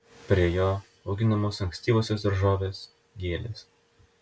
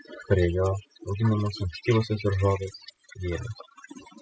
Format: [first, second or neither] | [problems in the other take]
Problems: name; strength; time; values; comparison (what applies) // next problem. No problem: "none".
first | noise reduction (classical method spectral subtraction)